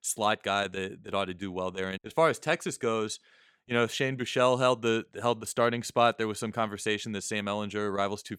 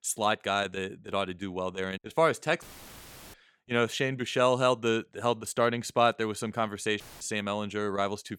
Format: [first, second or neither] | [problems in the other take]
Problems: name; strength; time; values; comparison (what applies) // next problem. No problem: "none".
first | audio cutting out; filled with static; at 2.5 s for 0.5 s and at 7 s